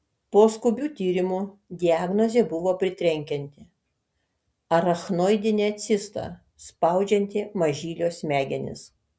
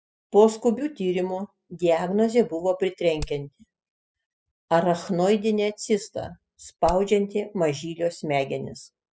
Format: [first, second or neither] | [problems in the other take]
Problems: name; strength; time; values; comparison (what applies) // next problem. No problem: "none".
first | noise reduction (classical method spectral subtraction)